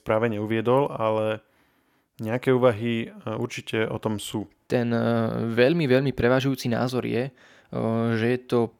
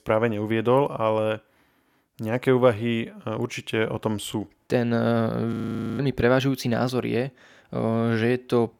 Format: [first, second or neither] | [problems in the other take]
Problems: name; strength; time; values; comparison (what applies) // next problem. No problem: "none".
first | audio freezing; at 5.5 s